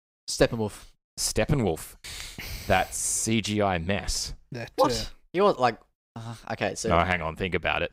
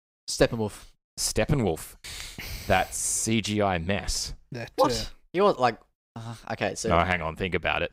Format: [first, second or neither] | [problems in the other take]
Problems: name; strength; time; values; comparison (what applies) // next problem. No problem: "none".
neither | none